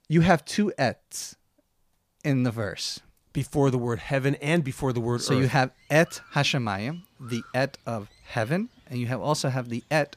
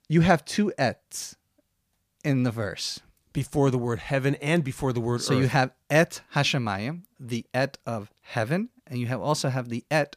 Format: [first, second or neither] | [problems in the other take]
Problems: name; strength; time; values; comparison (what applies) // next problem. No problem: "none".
second | animal sounds; faint; throughout; 30 dB below the speech